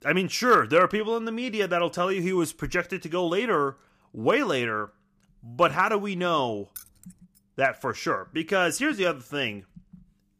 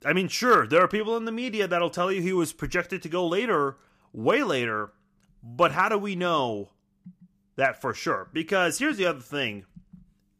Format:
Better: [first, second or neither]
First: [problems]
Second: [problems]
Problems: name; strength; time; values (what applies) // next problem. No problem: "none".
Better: second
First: jangling keys; faint; at 7 s; peak 20 dB below the speech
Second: none